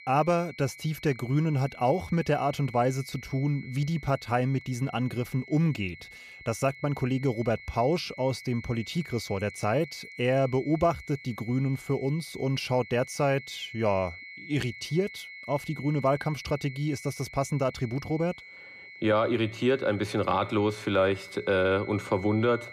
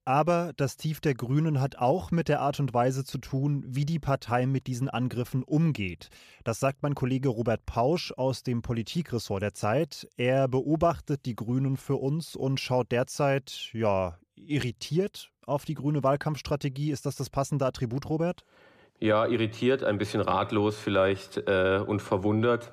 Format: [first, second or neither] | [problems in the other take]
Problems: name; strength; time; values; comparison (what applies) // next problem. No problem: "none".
second | high-pitched whine; noticeable; throughout; 2 kHz, 15 dB below the speech